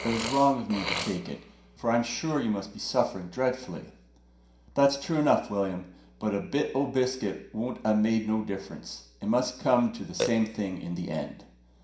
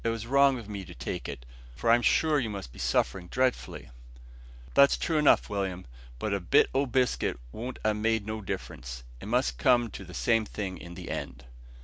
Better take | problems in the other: second | background sound (Burping, eructation); 13 dB below the speech // room echo; dies away in 0.5 s

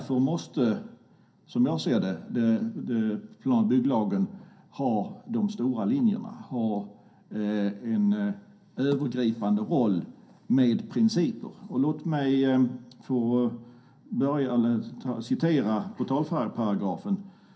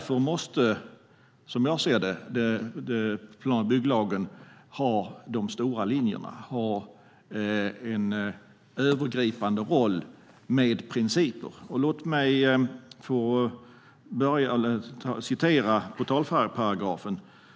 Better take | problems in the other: second | room echo; dies away in 0.3 s

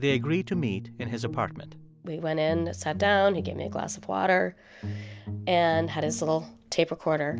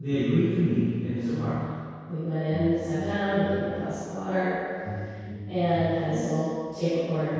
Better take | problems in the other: first | room echo; dies away in 2 s

